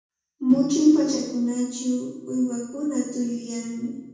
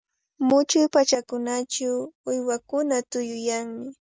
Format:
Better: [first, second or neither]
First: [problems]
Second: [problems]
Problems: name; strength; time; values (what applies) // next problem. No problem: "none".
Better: second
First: room echo; dies away in 1.2 s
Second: none